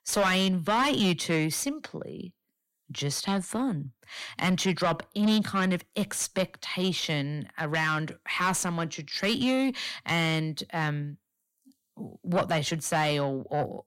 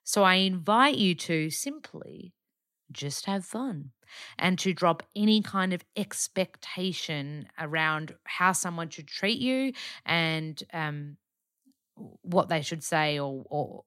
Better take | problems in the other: second | distortion; heavy; 6 dB below the speech

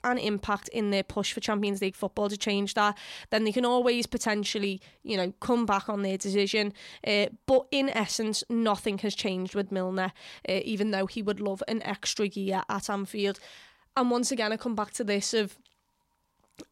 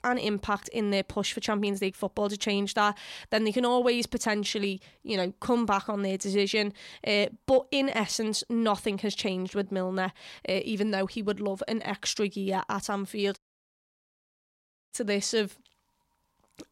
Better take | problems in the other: first | audio cutting out; at 13 s for 1.5 s

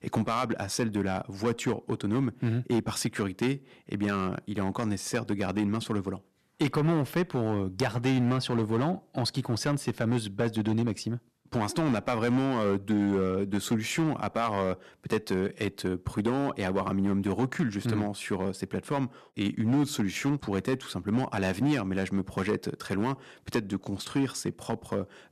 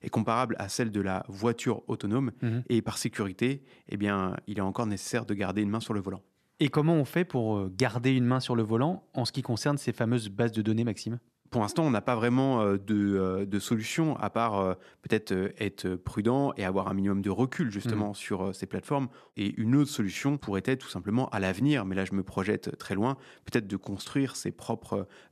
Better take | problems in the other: second | distortion; slight; 6% of the sound clipped

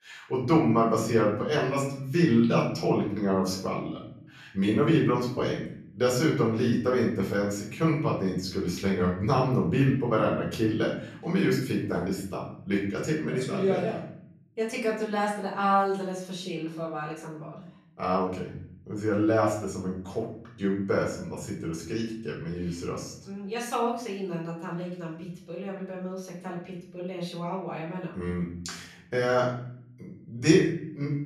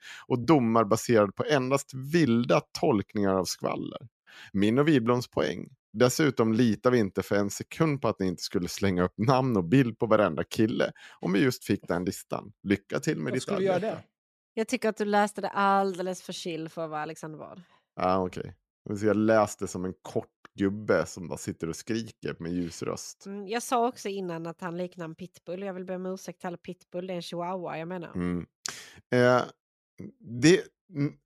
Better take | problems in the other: second | room echo; noticeable; dies away in 0.7 s // off-mic speech; far

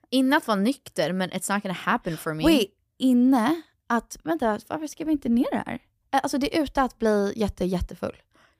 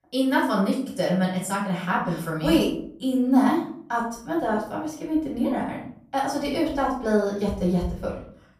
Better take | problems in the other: first | off-mic speech; far // room echo; noticeable; dies away in 0.5 s

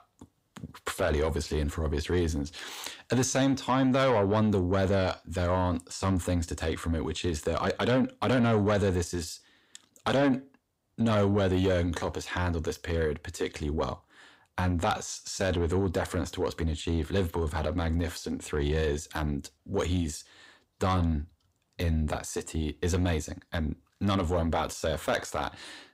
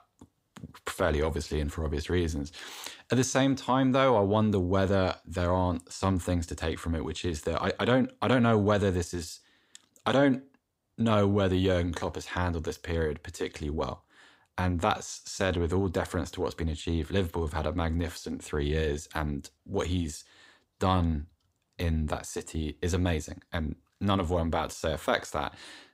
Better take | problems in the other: second | distortion; slight; 10 dB below the speech

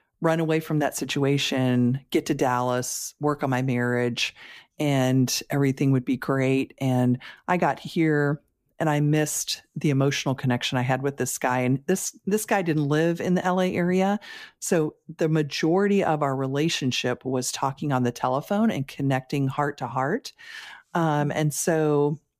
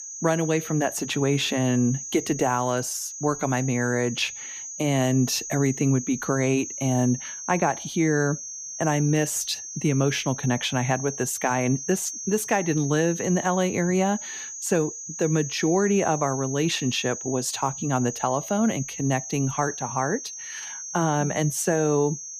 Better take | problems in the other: first | high-pitched whine; loud; throughout; 6.5 kHz, 8 dB below the speech

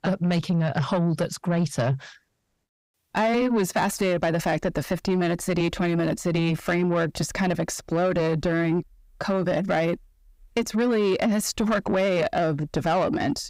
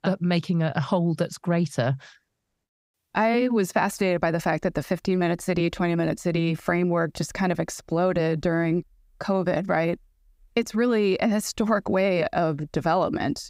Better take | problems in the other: second | distortion; slight; 10 dB below the speech

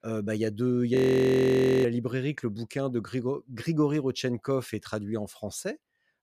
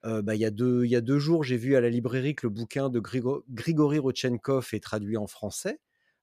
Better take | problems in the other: second | audio freezing; at 1 s for 1 s

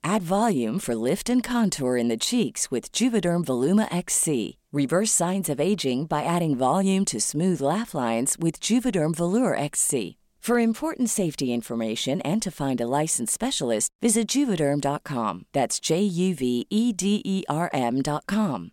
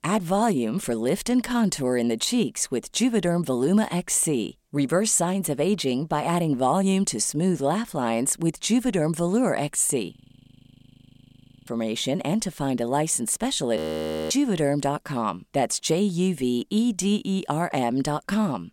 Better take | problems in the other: first | audio freezing; at 10 s for 1.5 s and at 14 s for 0.5 s

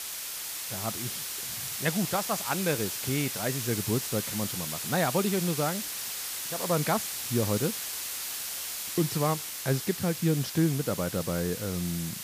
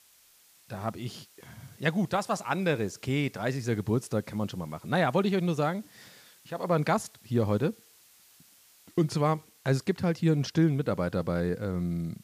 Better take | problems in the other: second | hiss; loud; throughout; 2 dB below the speech; faint in the second

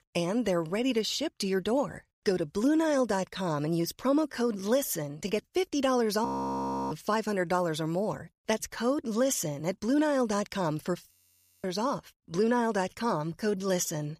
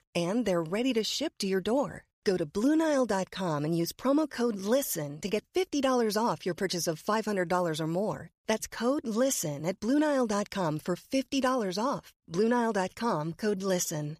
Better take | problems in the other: second | audio freezing; at 6.5 s for 0.5 s and at 11 s for 0.5 s

